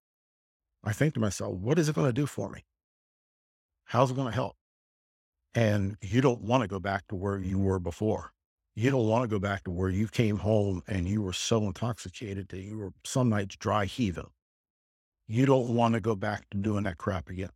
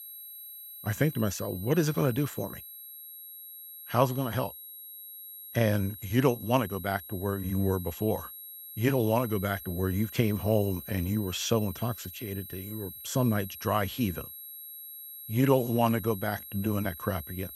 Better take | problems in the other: first | high-pitched whine; noticeable; throughout; 11.5 kHz, 10 dB below the speech

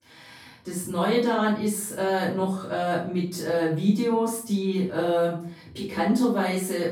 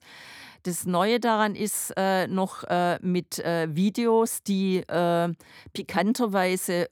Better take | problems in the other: second | off-mic speech; far // room echo; noticeable; dies away in 0.4 s

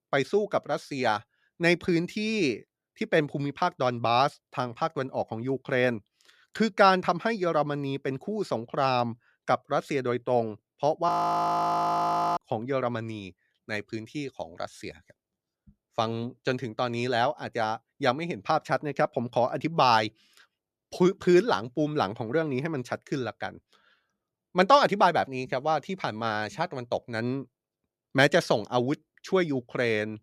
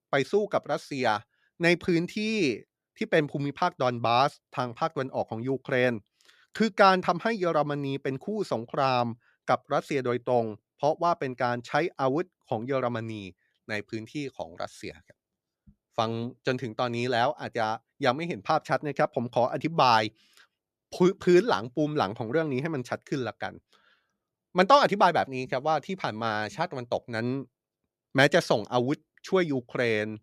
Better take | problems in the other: second | audio freezing; at 11 s for 1.5 s

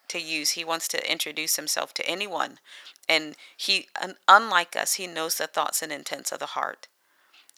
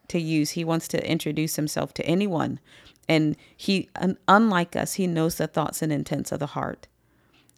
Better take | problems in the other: second | thin; very; fading below 900 Hz

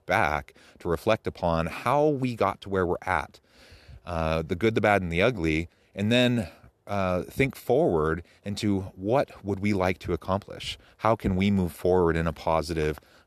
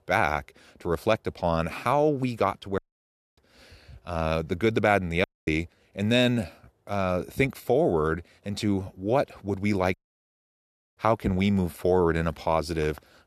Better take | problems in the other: first | audio cutting out; at 3 s for 0.5 s, at 5 s and at 10 s for 1 s

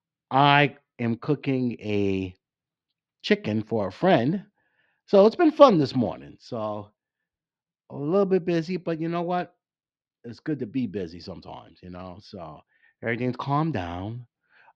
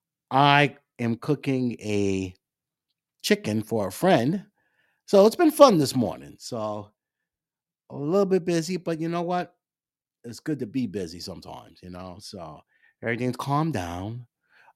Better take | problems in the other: second | muffled; very slightly; fading above 4 kHz

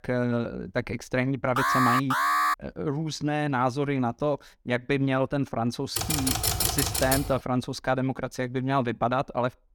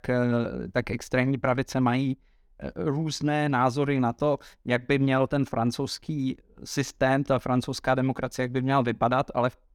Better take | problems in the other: second | alarm; loud; at 1.5 s; peak 5 dB above the speech // keyboard typing; loud; from 6 to 7.5 s; peak 4 dB above the speech

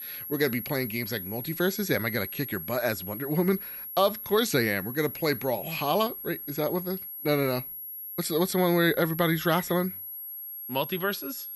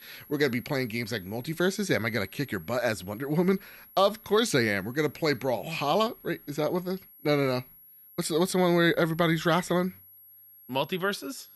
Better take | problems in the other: second | high-pitched whine; loud; throughout; 11.5 kHz, 8 dB below the speech; faint in the second

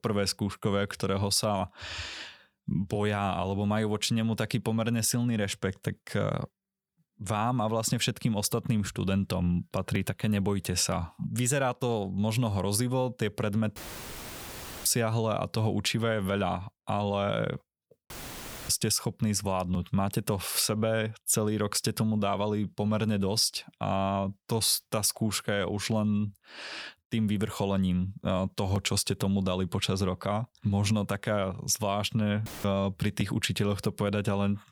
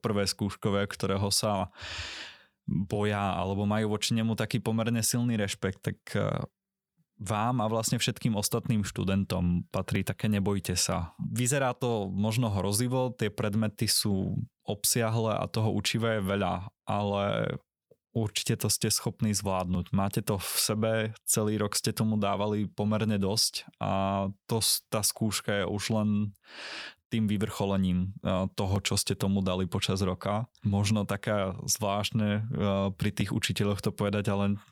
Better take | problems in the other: second | audio cutting out; filled with static; at 14 s for 1 s, at 18 s for 0.5 s and at 32 s

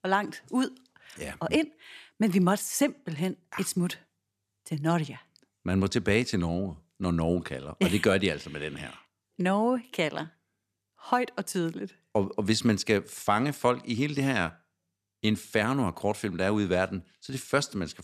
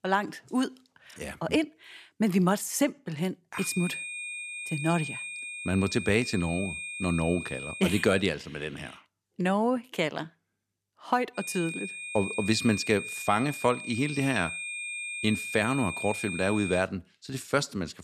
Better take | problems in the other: first | high-pitched whine; loud; from 3.5 to 8 s and from 11 to 17 s; 2.5 kHz, 6 dB below the speech

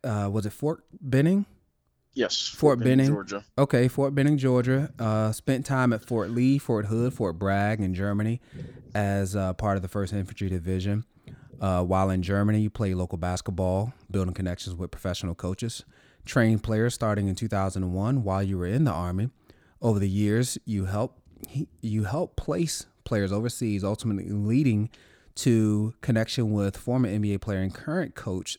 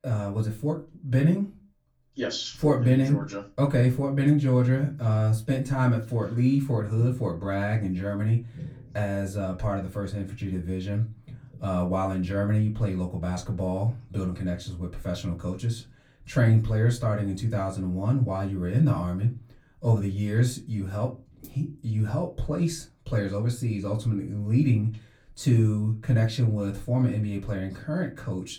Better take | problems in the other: first | off-mic speech; far // room echo; very slight; dies away in 0.2 s

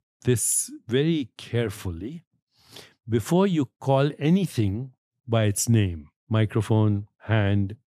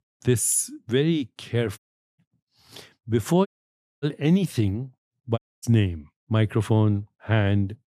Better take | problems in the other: first | audio cutting out; at 2 s, at 3.5 s for 0.5 s and at 5.5 s

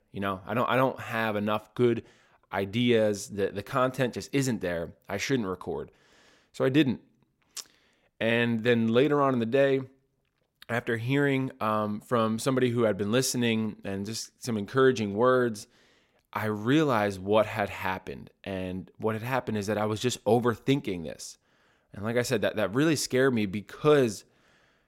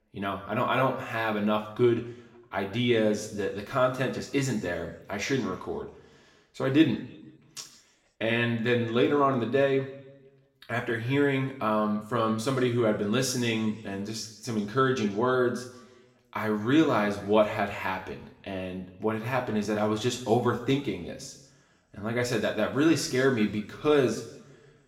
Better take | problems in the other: first | room echo; slight; dies away in 0.7 s // off-mic speech; somewhat distant

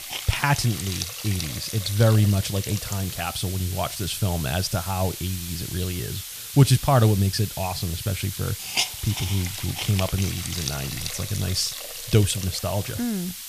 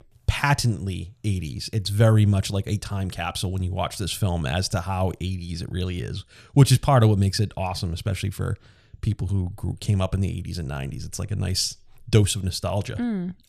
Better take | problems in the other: second | hiss; loud; throughout; 6 dB below the speech

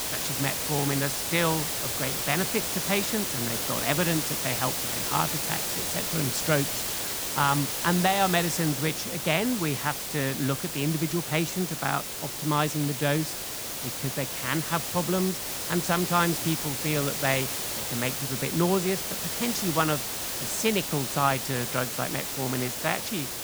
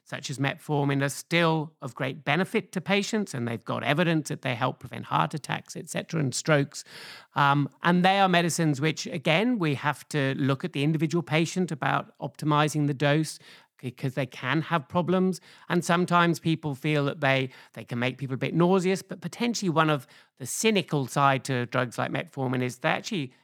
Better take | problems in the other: second | hiss; loud; throughout; 1 dB below the speech

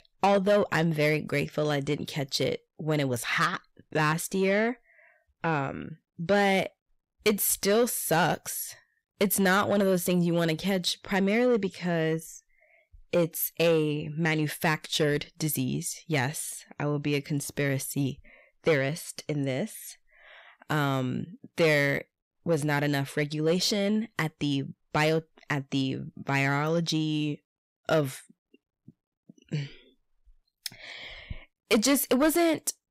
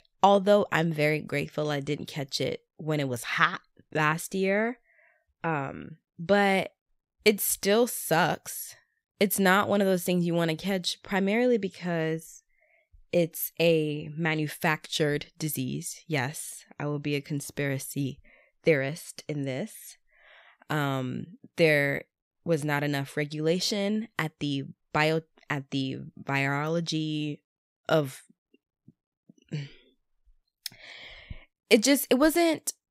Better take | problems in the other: second | distortion; slight; 10 dB below the speech

